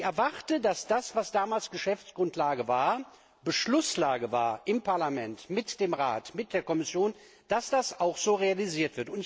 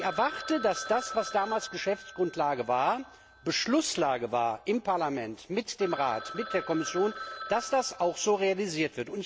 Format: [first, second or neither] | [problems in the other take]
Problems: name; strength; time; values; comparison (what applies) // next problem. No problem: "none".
first | background sound (Telephone); 13 dB below the speech